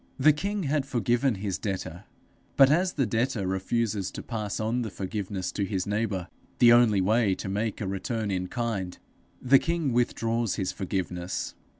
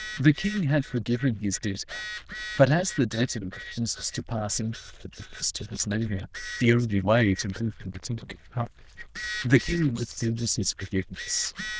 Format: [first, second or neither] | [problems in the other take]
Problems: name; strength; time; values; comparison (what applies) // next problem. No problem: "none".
first | noise reduction (neural diffusion model UNIVERSE++)